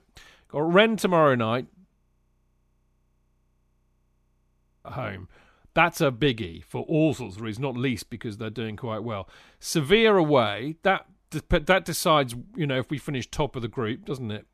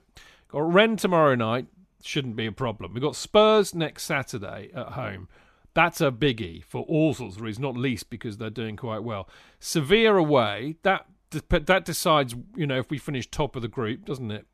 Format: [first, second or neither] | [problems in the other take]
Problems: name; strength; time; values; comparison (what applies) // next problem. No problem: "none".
second | audio freezing; at 2 s for 3 s